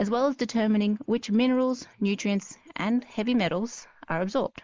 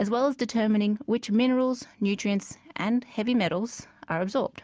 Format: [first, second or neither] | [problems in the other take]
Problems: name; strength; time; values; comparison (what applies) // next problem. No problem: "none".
second | noise reduction (neural mask model Resemble Enhance denoiser)